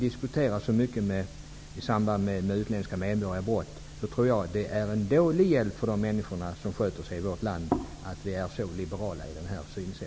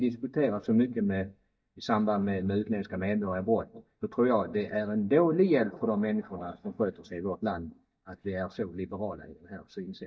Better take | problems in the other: first | noise reduction (neural mask model DeepFilterNet 3)

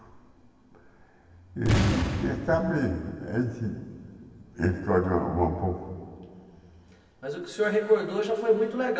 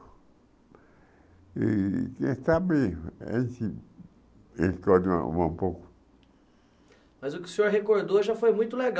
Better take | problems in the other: second | background sound (Boom); 1 dB below the speech // room echo; dies away in 2.9 s

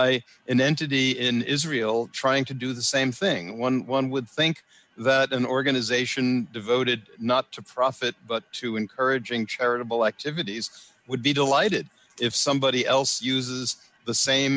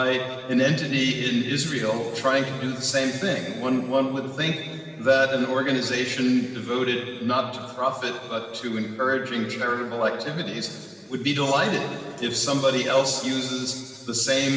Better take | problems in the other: first | room echo; dies away in 2.3 s

